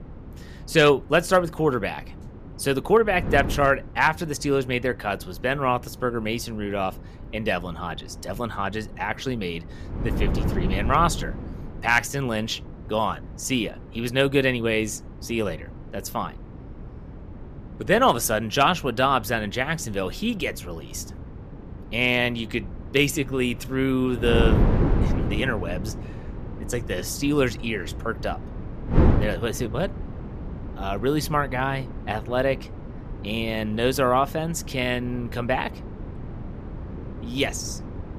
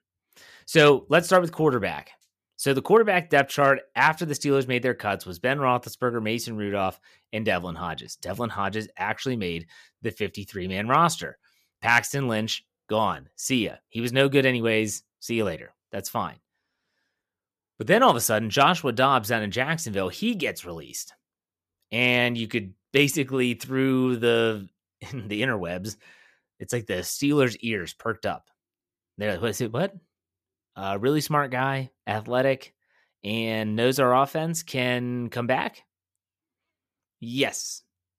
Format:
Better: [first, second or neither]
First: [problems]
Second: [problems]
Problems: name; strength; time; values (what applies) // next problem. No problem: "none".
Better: second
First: wind noise on the microphone; occasional gusts; 15 dB below the speech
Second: none